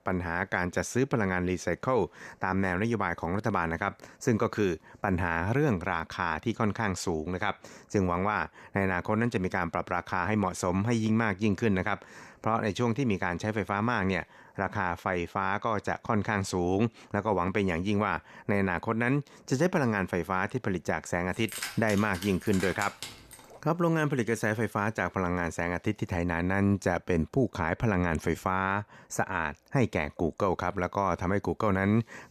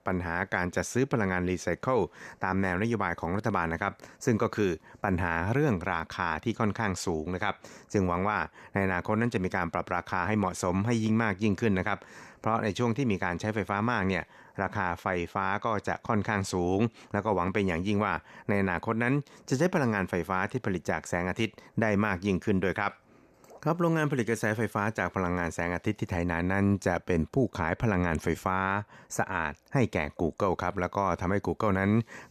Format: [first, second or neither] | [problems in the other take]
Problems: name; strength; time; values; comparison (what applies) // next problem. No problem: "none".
second | jangling keys; noticeable; from 21 to 23 s; peak 7 dB below the speech